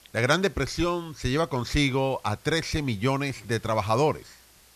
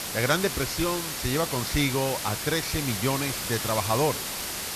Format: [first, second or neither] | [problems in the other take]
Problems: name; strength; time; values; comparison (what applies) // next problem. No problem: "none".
first | hiss; loud; throughout; 3 dB below the speech; faint in the first